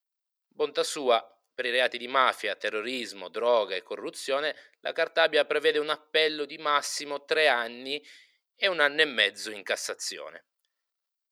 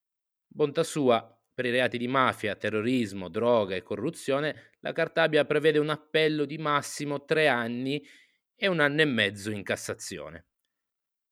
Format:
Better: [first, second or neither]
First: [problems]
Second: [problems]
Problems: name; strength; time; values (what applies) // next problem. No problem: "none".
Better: second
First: thin; somewhat; fading below 600 Hz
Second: none